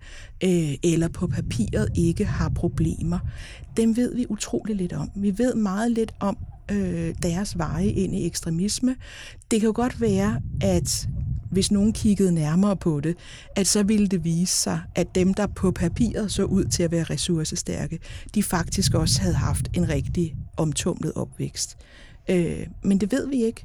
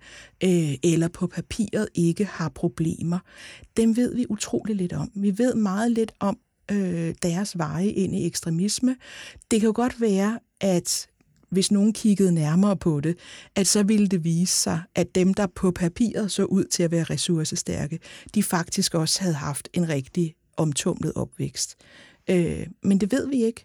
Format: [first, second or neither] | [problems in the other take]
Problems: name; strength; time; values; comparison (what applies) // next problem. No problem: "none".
second | low rumble; noticeable; throughout; 15 dB below the speech